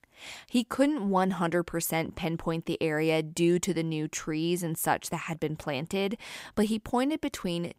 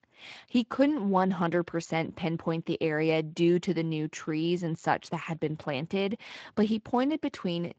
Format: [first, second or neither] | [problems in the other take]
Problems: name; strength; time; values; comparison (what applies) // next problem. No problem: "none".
first | garbled, watery; slightly; nothing above 7.5 kHz